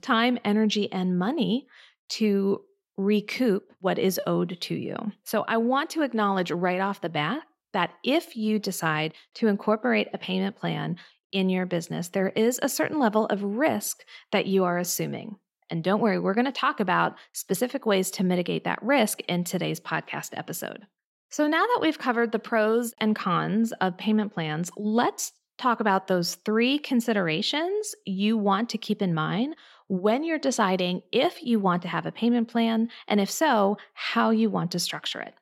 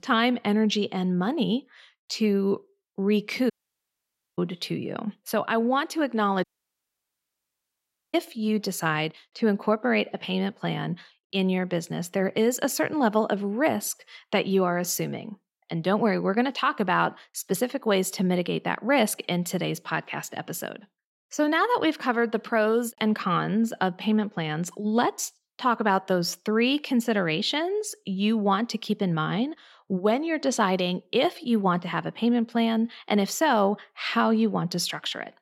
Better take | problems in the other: first | audio cutting out; at 3.5 s for 1 s and at 6.5 s for 1.5 s

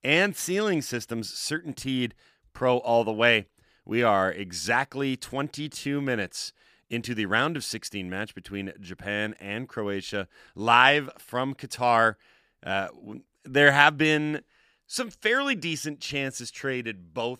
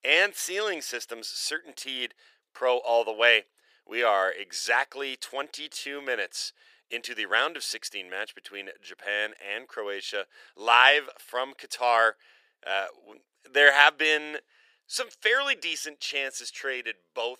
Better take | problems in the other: first | thin; very; fading below 450 Hz

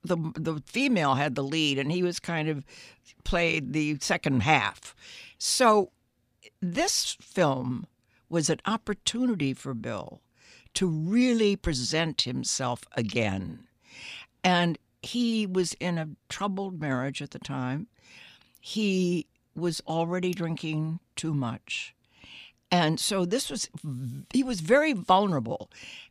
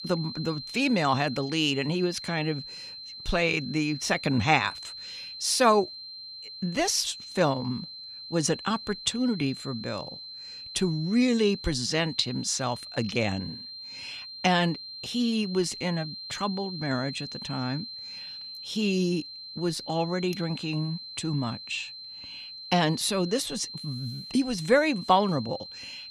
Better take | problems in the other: first | high-pitched whine; noticeable; throughout; 4 kHz, 10 dB below the speech

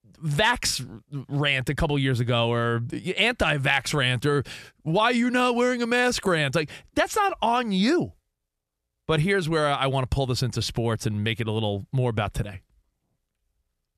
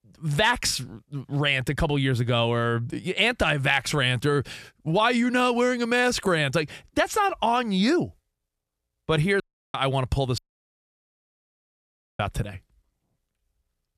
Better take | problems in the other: first | audio cutting out; at 9.5 s and at 10 s for 2 s

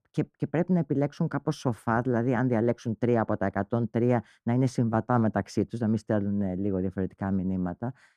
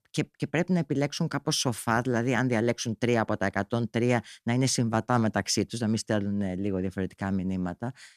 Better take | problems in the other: second | muffled; very; fading above 1.5 kHz

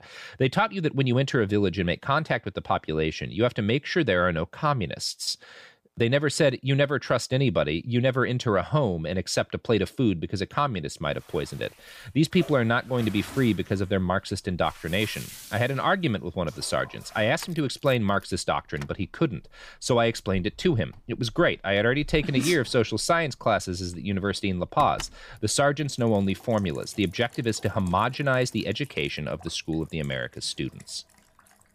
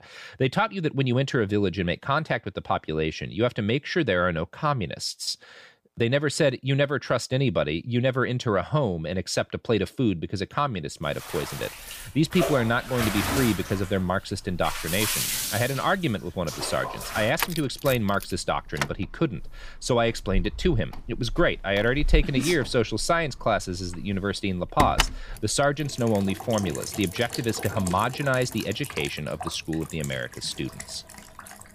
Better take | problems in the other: first | household noises; loud; from 12 s on; 6 dB below the speech; faint in the first

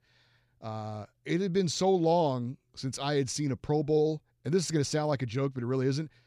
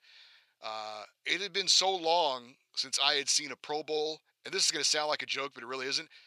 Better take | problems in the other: first | thin; very; fading below 850 Hz

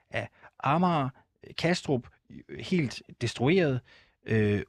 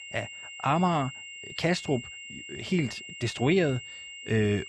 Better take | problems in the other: first | high-pitched whine; noticeable; throughout; 3 kHz, 10 dB below the speech

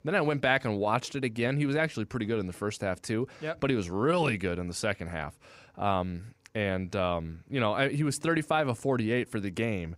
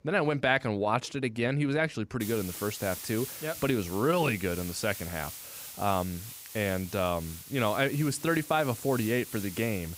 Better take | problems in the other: first | hiss; noticeable; from 2 s on; 10 dB below the speech

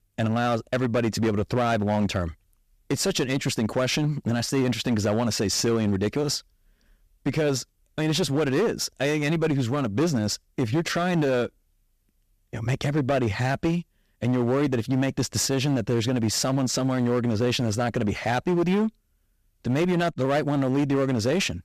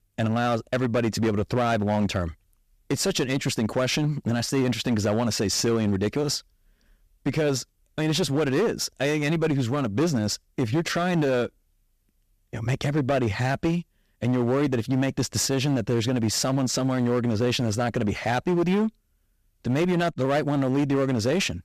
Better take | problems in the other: neither | distortion; slight; 13% of the sound clipped; the same in both

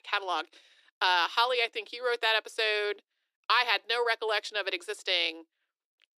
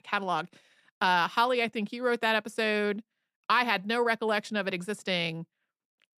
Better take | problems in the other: second | thin; very; fading below 300 Hz

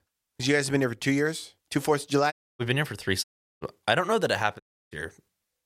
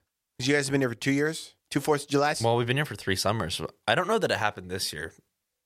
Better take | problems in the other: second | audio cutting out; at 2.5 s, at 3 s and at 4.5 s

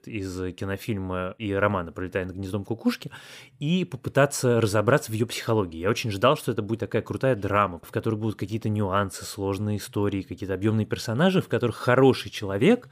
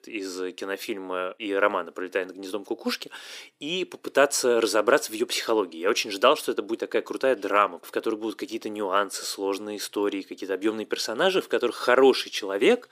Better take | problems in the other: first | thin; somewhat; fading below 300 Hz

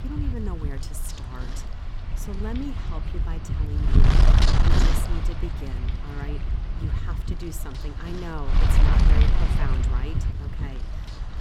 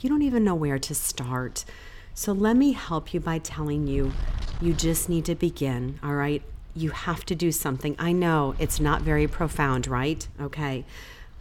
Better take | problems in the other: second | wind noise on the microphone; heavy; 4 dB above the speech; occasional gusts in the second

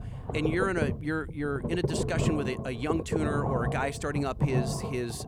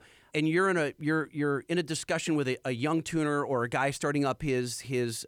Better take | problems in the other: second | low rumble; loud; throughout; 3 dB below the speech

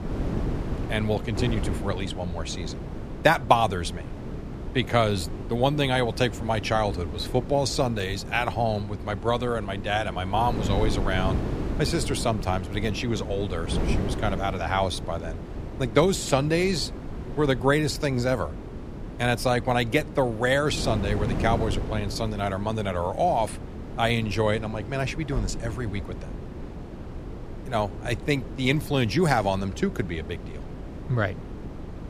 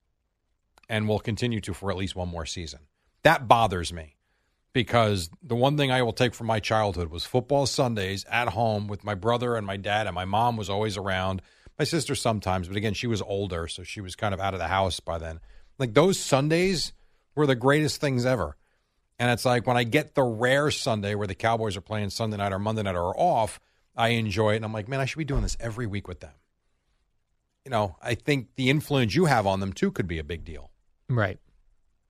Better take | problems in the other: second | wind noise on the microphone; occasional gusts; 15 dB below the speech

